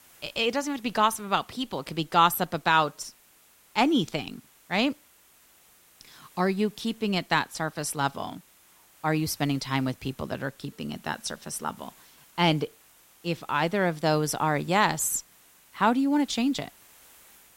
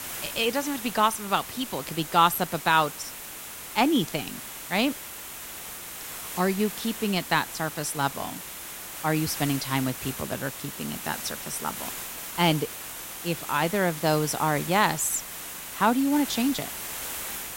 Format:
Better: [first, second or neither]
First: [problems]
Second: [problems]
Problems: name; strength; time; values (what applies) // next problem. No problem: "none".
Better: first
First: hiss; faint; throughout; 25 dB below the speech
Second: hiss; loud; throughout; 8 dB below the speech